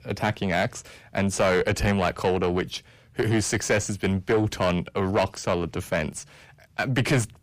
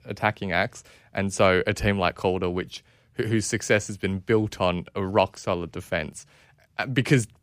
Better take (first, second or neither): second